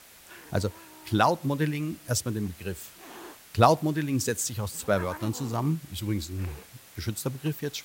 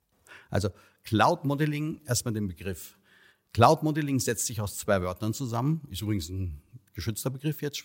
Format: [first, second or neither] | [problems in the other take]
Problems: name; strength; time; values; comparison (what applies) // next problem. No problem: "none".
second | hiss; noticeable; throughout; 20 dB below the speech